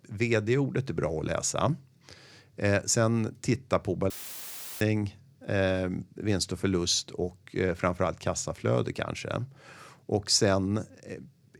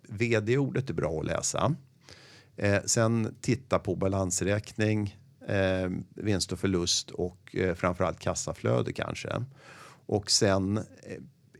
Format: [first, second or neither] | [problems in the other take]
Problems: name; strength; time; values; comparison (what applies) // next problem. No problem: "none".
second | audio cutting out; filled with static; at 4 s for 0.5 s